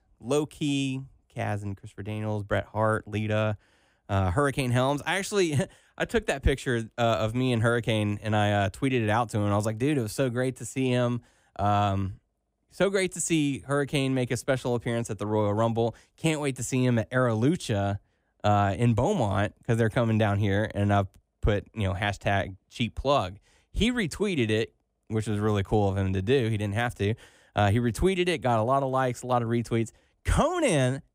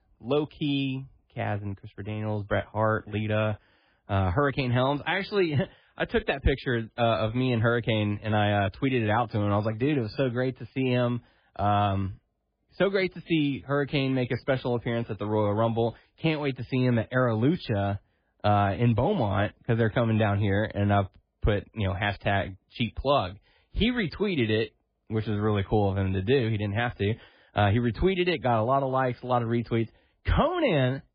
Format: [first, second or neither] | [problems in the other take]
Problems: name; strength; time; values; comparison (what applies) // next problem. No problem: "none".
first | garbled, watery; badly